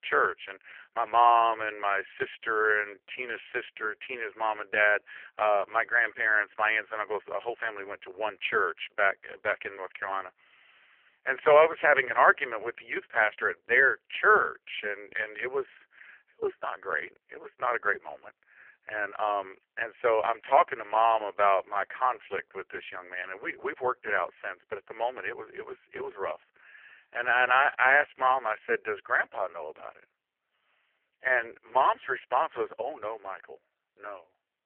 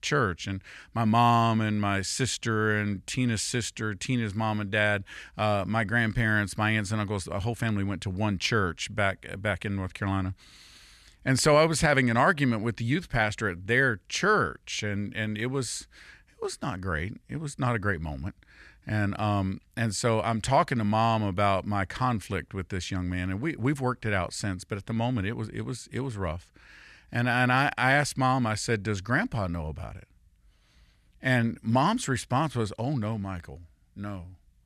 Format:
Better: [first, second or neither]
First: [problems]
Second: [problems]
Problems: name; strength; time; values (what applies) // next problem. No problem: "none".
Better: second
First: phone-call audio; poor line; nothing above 3 kHz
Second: none